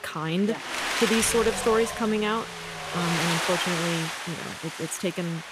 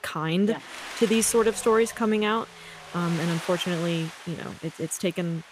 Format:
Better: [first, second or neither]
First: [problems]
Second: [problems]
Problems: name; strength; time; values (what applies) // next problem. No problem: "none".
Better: second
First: wind noise on the microphone; heavy; as loud as the speech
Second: wind noise on the microphone; occasional gusts; 10 dB below the speech